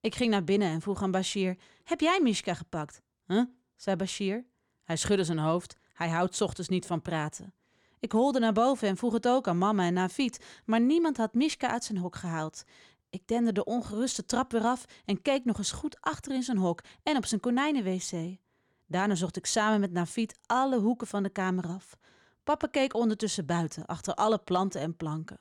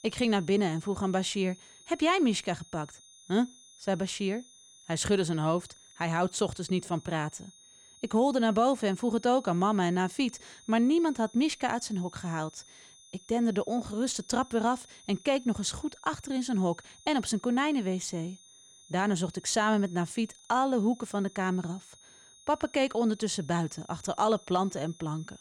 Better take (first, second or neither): first